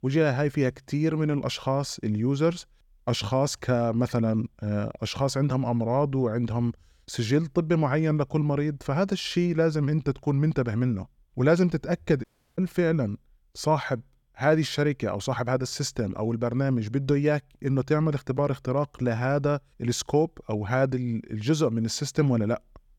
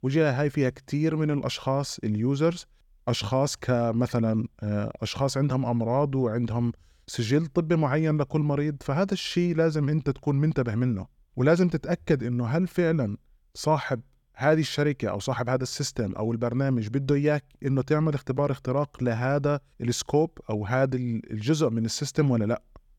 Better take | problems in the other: second | audio cutting out; at 12 s

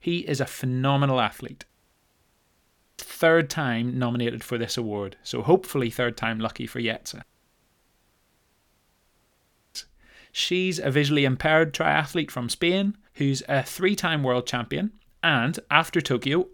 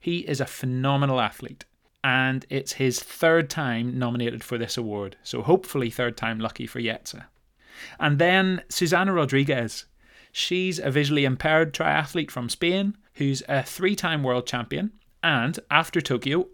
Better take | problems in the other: second | audio cutting out; at 1.5 s for 1.5 s and at 7 s for 2.5 s

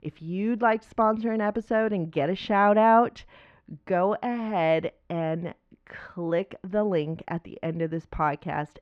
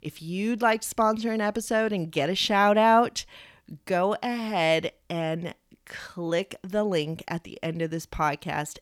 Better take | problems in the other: second | muffled; very; fading above 1.5 kHz

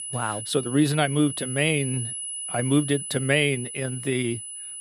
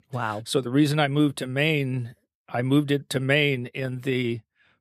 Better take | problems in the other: second | high-pitched whine; loud; throughout; 10 kHz, 7 dB below the speech

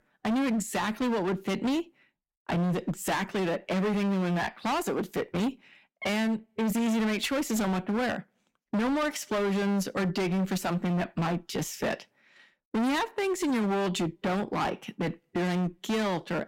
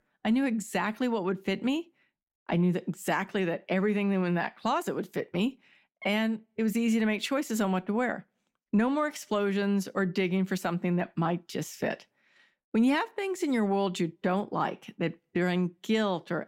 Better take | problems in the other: second | distortion; heavy; 26% of the sound clipped

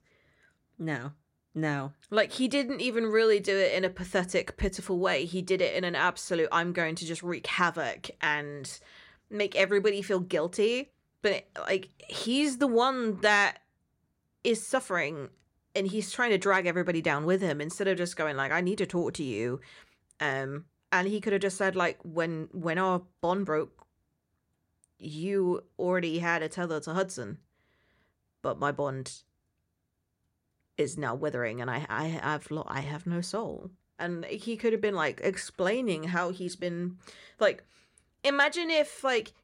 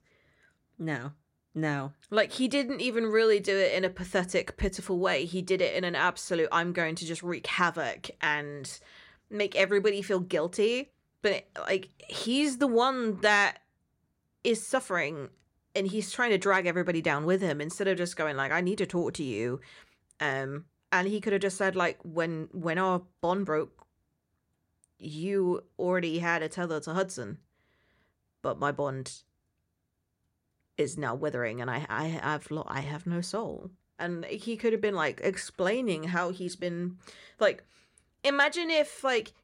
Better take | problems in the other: neither | none

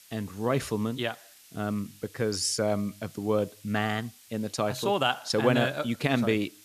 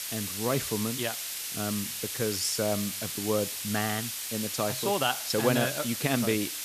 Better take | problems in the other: first | hiss; loud; throughout; 2 dB below the speech; faint in the first

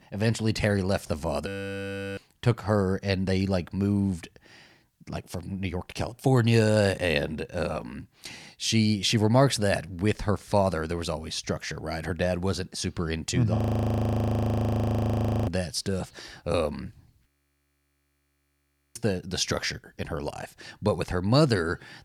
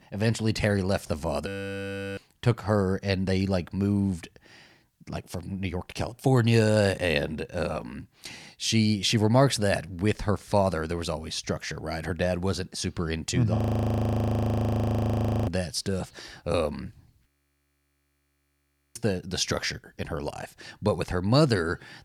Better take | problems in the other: neither | audio freezing; at 1.5 s for 0.5 s, at 14 s for 2 s and at 17 s for 1.5 s; the same in both

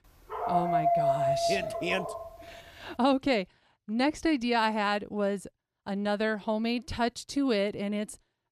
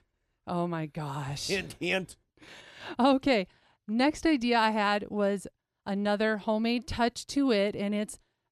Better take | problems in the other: second | dog barking; loud; until 2 s; peak 5 dB above the speech

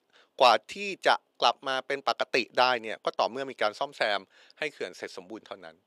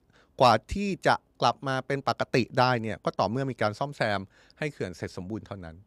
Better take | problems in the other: second | thin; somewhat; fading below 450 Hz

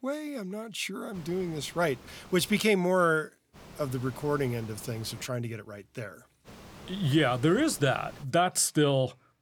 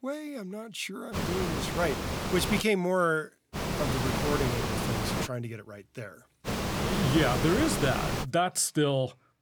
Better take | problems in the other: first | hiss; loud; from 1 to 2.5 s, from 3.5 to 5.5 s and from 6.5 to 8 s; 1 dB below the speech; faint in the first

